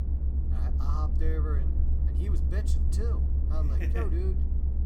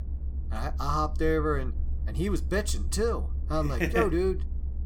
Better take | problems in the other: second | low rumble; loud; throughout; 3 dB below the speech; faint in the second

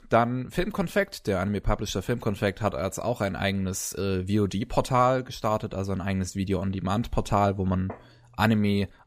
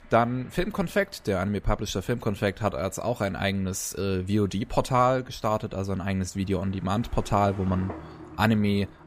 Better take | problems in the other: first | traffic noise; faint; throughout; 25 dB below the speech

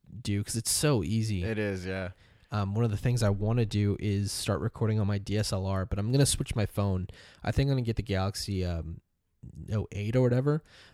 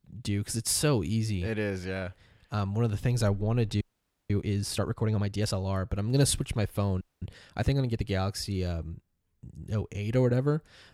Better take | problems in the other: first | audio freezing; at 4 s and at 7 s

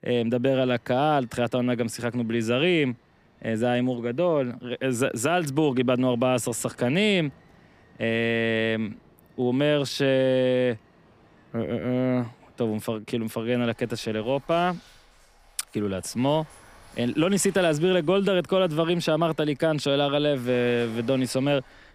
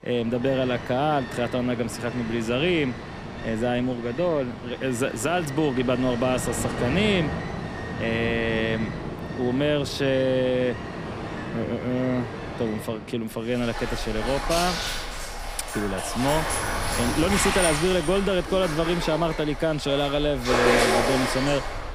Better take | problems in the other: first | rain or running water; loud; throughout; 4 dB below the speech; faint in the first

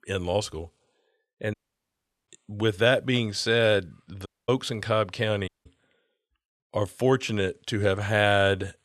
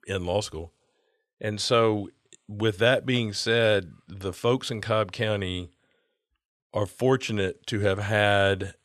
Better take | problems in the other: second | audio cutting out; at 1.5 s for 0.5 s, at 4.5 s and at 5.5 s

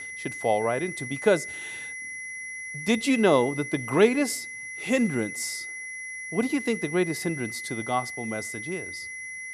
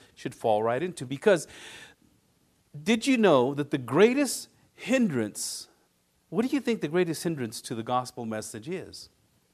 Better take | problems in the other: second | high-pitched whine; loud; throughout; 2 kHz, 8 dB below the speech

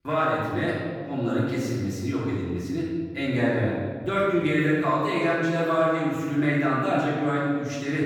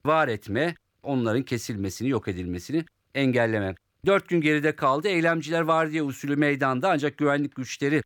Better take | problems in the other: second | room echo; strong; dies away in 1.6 s // off-mic speech; far

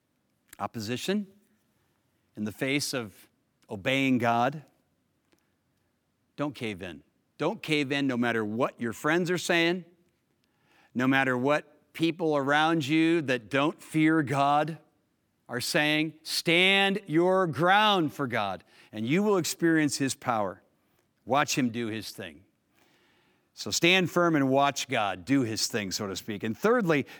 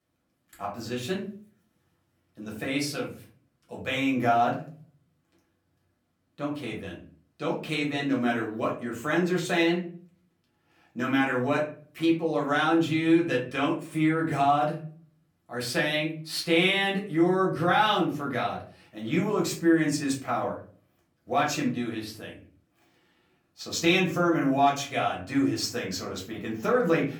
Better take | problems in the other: first | off-mic speech; far // room echo; slight; dies away in 0.4 s

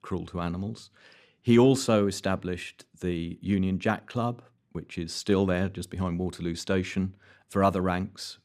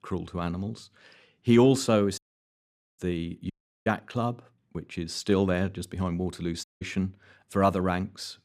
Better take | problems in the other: first | audio cutting out; at 2 s for 1 s, at 3.5 s and at 6.5 s

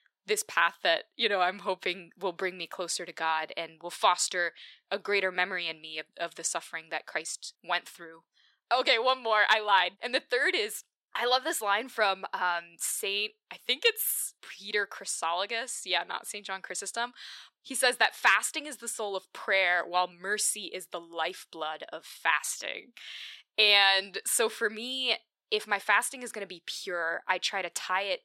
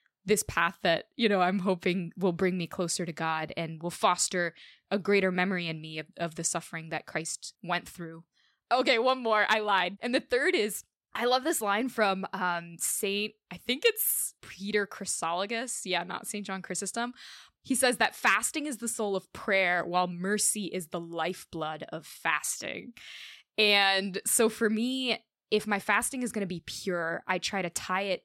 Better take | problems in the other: second | thin; very; fading below 500 Hz

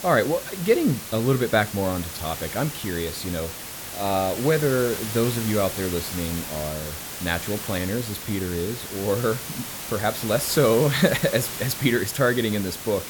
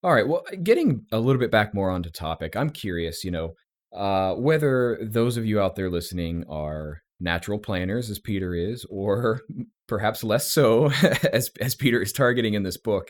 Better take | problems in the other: second | hiss; loud; throughout; 7 dB below the speech

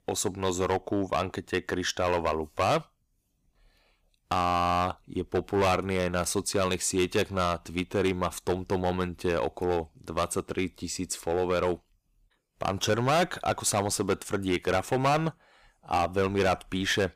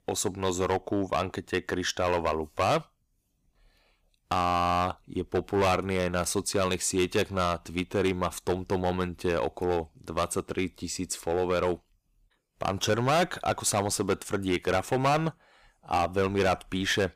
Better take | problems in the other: neither | distortion; heavy; 6% of the sound clipped; the same in both

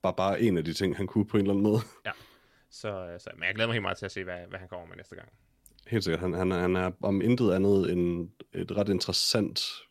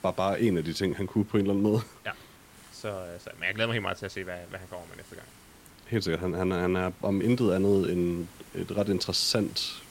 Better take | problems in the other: first | hiss; faint; throughout; 25 dB below the speech

